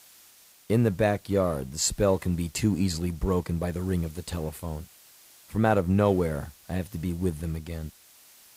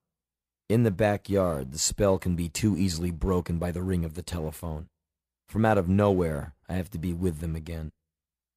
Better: second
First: hiss; faint; throughout; 25 dB below the speech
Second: none

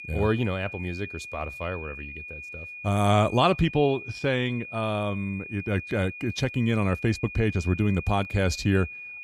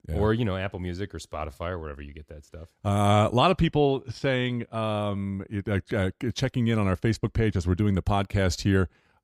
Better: second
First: high-pitched whine; noticeable; throughout; 2.5 kHz, 10 dB below the speech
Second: none

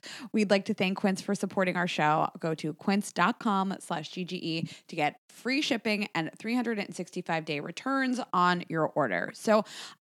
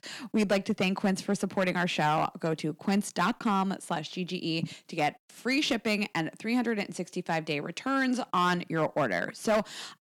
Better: first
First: none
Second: distortion; slight; 4% of the sound clipped

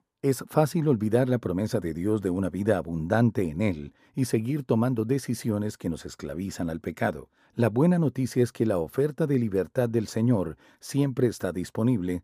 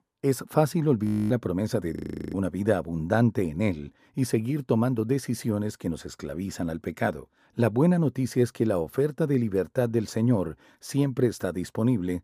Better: first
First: none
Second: audio freezing; at 1 s and at 2 s

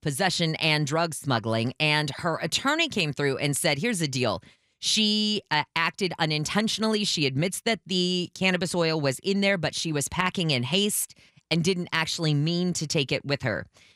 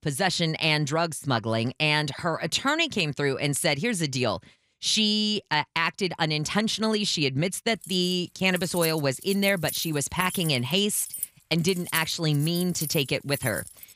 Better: first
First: none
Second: jangling keys; noticeable; from 8 s on; peak 7 dB below the speech

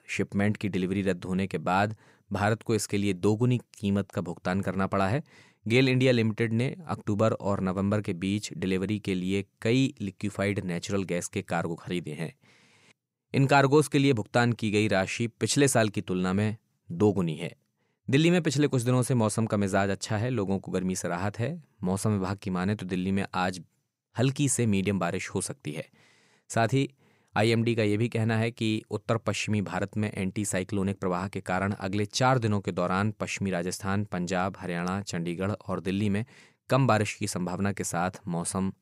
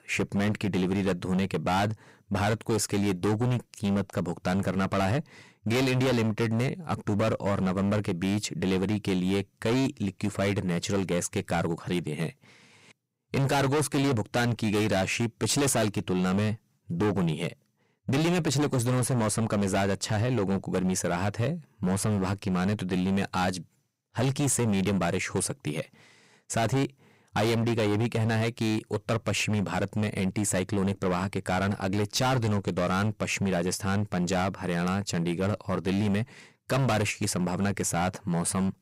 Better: first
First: none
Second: distortion; heavy; 19% of the sound clipped

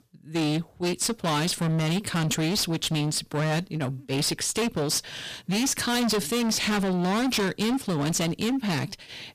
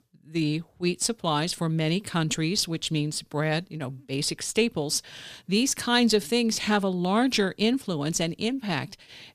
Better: second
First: distortion; heavy; 29% of the sound clipped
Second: none

